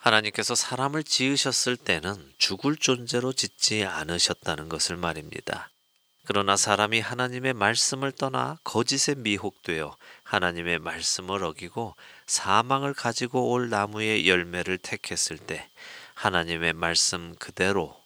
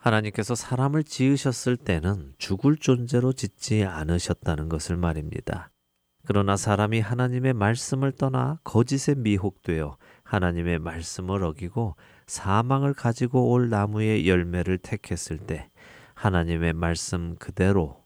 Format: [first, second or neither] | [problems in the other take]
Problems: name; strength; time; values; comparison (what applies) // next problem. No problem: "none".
second | thin; somewhat; fading below 800 Hz